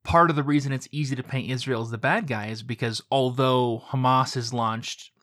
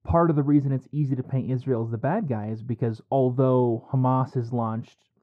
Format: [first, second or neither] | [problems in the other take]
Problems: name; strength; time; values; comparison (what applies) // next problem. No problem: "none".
first | muffled; very; fading above 1.5 kHz